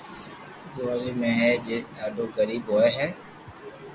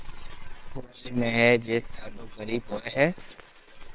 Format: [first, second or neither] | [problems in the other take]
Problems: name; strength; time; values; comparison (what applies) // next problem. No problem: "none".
first | noise reduction (neural separator model SepFormer WHAMR!)